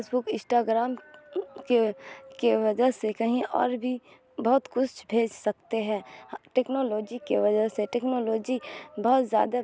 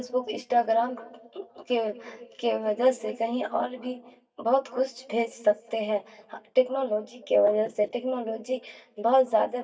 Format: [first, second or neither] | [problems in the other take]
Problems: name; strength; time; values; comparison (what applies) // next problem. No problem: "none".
first | noise reduction (neural mask model DeepFilterNet 3)